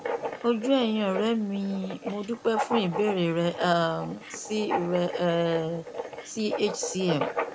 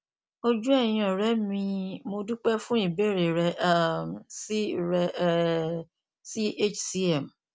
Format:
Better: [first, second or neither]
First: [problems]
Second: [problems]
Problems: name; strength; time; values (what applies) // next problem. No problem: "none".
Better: second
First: background sound (Writing); 7 dB below the speech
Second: none